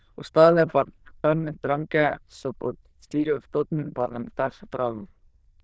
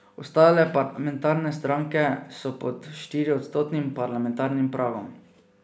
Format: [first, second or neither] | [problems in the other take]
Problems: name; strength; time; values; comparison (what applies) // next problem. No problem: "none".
second | noise reduction (neural diffusion model UNIVERSE++)